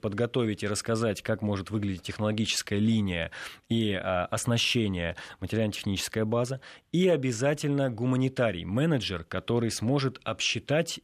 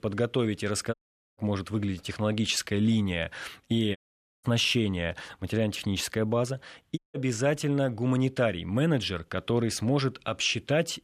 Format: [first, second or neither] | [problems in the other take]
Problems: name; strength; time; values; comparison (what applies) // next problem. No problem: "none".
first | audio cutting out; at 1 s, at 4 s and at 7 s